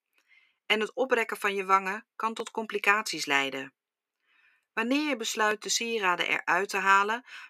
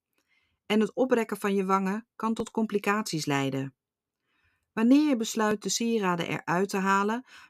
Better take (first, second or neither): second